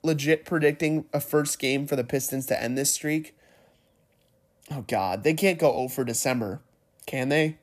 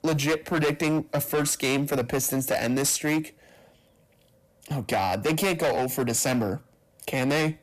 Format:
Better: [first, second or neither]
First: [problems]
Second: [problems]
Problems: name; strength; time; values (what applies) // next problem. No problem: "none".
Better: first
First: none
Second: distortion; heavy; 16% of the sound clipped